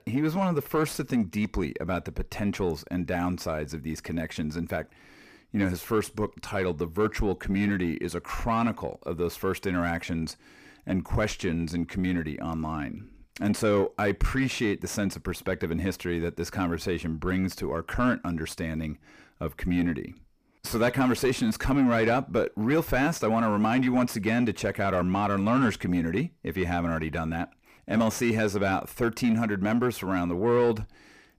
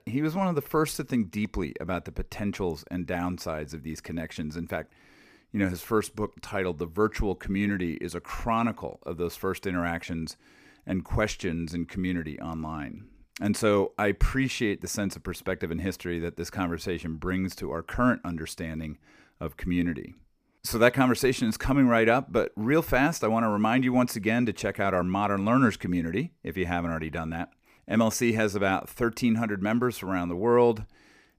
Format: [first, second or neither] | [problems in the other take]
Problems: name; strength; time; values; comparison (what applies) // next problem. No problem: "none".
second | distortion; slight; 10 dB below the speech